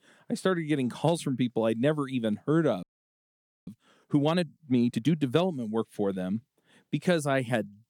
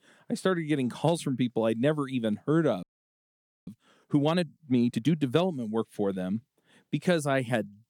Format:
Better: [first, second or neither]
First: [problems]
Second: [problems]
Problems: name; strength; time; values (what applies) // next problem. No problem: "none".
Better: neither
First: audio freezing; at 3 s for 1 s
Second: audio freezing; at 3 s for 1 s